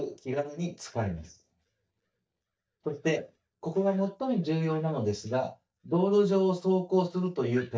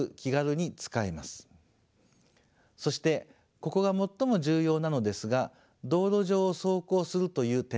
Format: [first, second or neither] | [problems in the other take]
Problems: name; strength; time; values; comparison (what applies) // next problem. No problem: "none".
second | noise reduction (neural mask model DeepFilterNet 3)